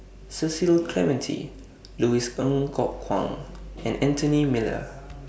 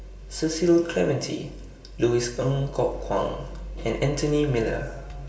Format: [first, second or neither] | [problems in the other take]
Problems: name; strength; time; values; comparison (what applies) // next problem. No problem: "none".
first | room echo; dies away in 0.9 s